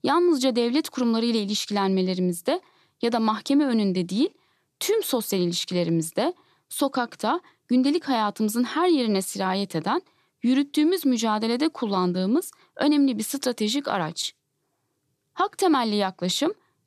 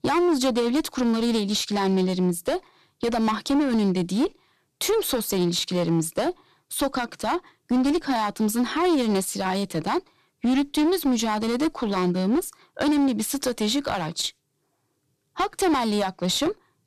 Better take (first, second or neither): first